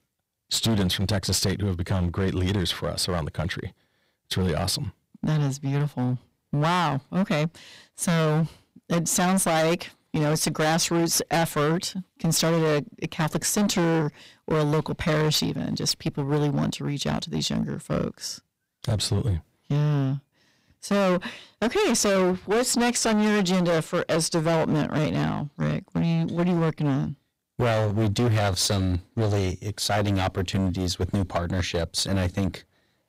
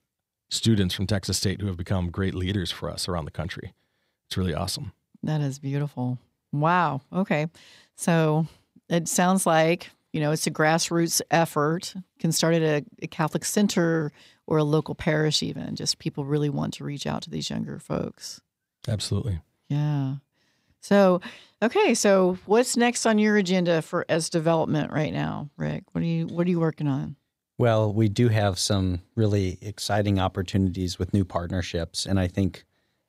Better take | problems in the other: second | distortion; heavy; 17% of the sound clipped

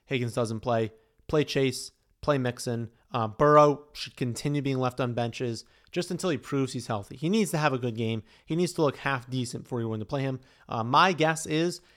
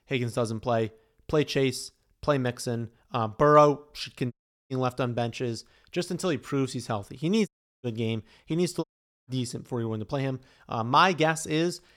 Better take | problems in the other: first | audio cutting out; at 4.5 s, at 7.5 s and at 9 s

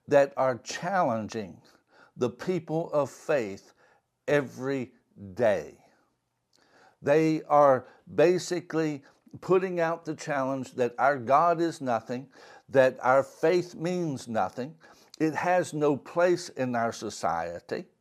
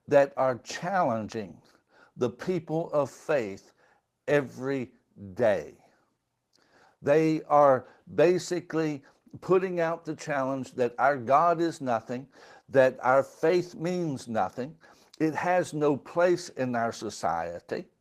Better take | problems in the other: first | garbled, watery; slightly; nothing above 15 kHz

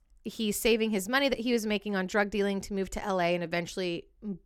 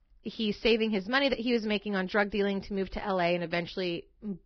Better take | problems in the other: first | garbled, watery; badly; nothing above 5.5 kHz

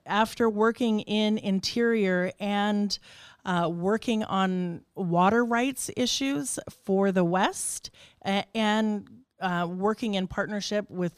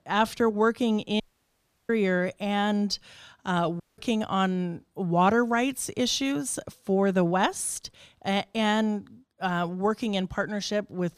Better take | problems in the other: first | audio cutting out; at 1 s for 0.5 s and at 4 s

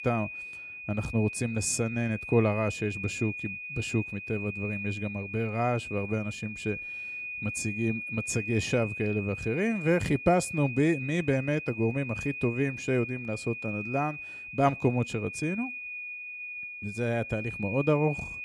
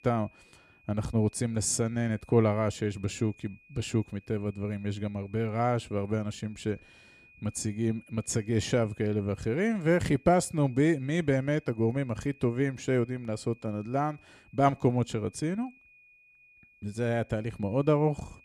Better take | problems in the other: second | high-pitched whine; loud; throughout; 2.5 kHz, 7 dB below the speech; faint in the second

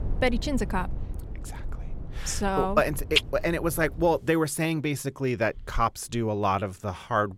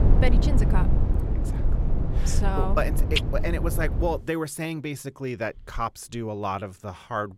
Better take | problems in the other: first | low rumble; loud; until 4 s; 8 dB below the speech; faint in the first

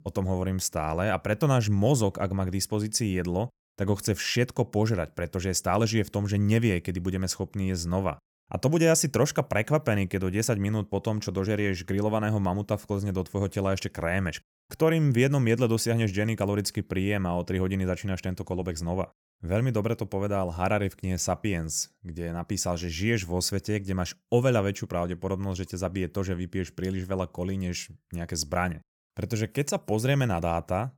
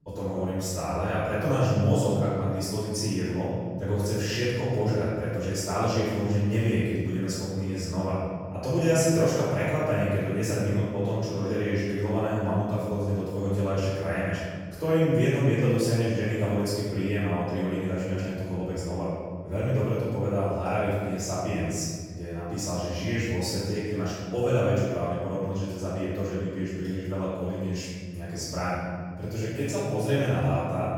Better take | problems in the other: first | room echo; strong; dies away in 1.5 s // off-mic speech; far

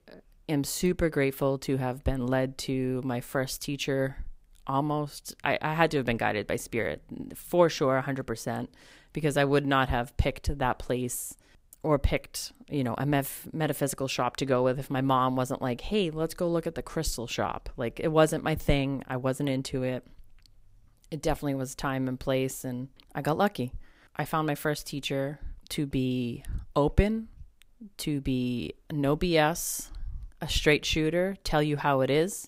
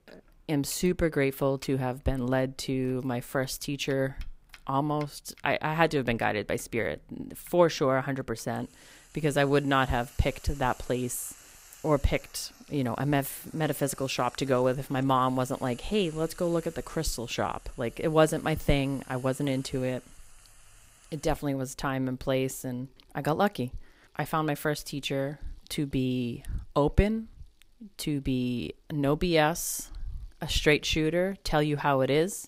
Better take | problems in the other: first | household noises; faint; throughout; 25 dB below the speech

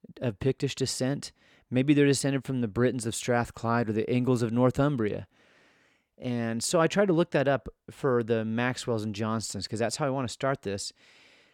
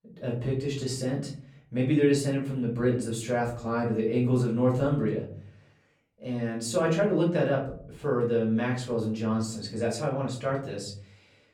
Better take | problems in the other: first | off-mic speech; far // room echo; slight; dies away in 0.6 s

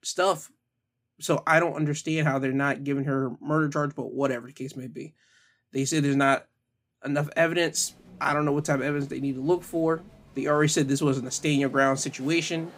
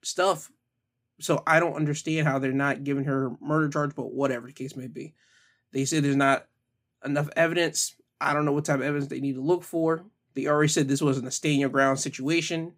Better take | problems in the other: second | crowd noise; faint; from 7.5 s on; 25 dB below the speech

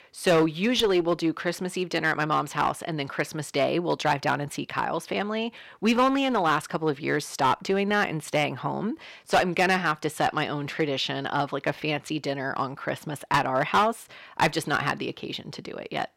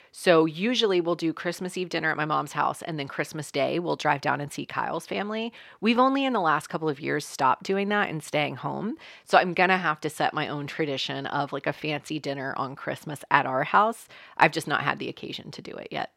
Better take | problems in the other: second | distortion; slight; 4% of the sound clipped

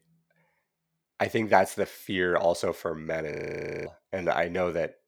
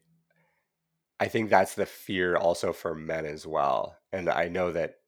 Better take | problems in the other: second | audio freezing; at 3.5 s for 0.5 s

